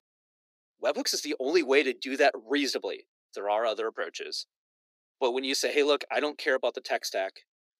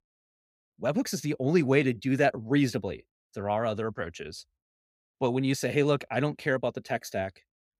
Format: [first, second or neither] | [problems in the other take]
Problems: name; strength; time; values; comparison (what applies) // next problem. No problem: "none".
second | thin; somewhat; fading below 300 Hz